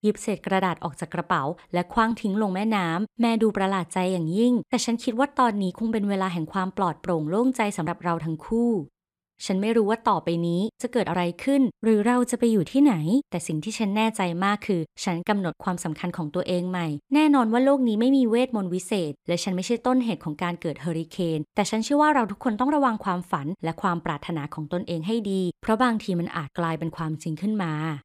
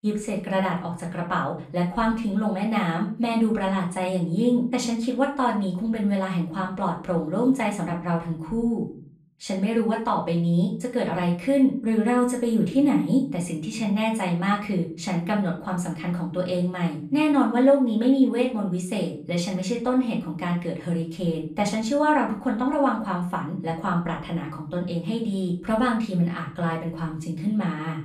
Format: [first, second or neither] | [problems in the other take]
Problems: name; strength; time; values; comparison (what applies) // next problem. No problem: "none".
first | off-mic speech; far // room echo; slight; dies away in 0.5 s